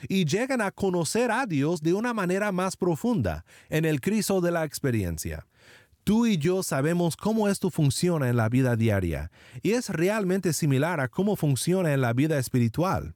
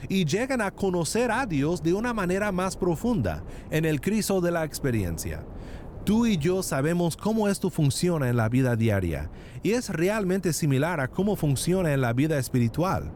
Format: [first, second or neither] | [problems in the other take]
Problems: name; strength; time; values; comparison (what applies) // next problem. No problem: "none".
first | wind noise on the microphone; occasional gusts; 20 dB below the speech